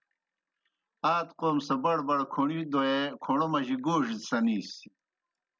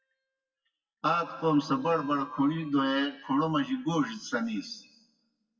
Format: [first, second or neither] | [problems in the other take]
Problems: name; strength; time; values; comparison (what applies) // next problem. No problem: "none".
first | noise reduction (classical method WPE with log-MMSE)